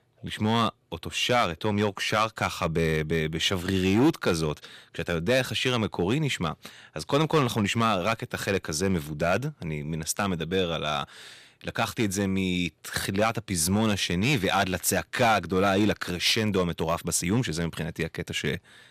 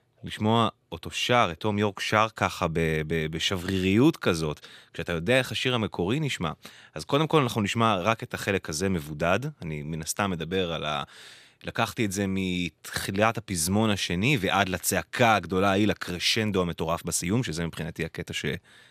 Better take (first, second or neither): second